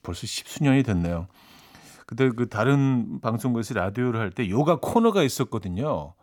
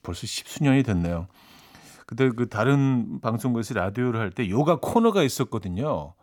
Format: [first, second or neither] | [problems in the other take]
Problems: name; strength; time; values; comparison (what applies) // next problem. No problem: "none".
neither | none